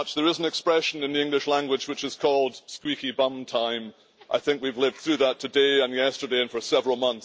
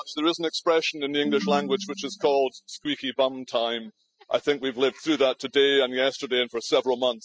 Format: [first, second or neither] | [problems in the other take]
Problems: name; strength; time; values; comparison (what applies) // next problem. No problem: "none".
first | noise reduction (classical method spectral subtraction)